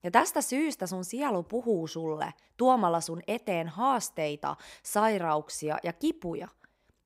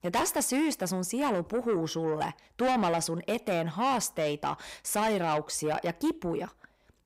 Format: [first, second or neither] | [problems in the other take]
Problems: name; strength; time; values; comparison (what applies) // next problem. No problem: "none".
first | distortion; heavy; 6 dB below the speech